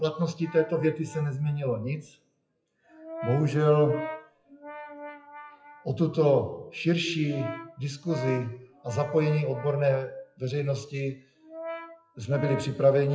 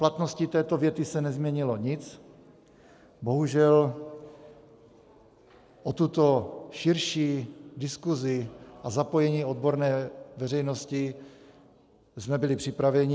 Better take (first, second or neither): second